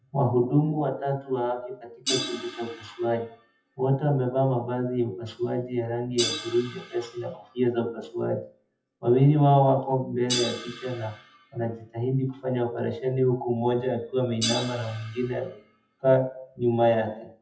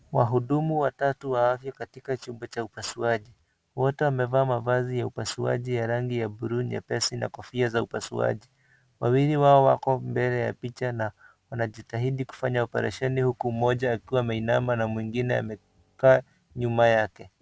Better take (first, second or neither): second